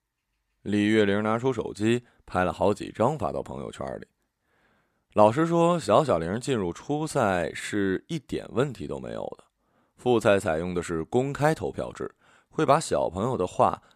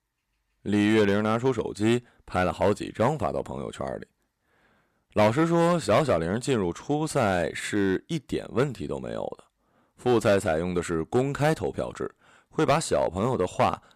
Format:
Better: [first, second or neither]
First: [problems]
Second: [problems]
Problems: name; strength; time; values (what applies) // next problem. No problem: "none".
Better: first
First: none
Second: distortion; slight; 3% of the sound clipped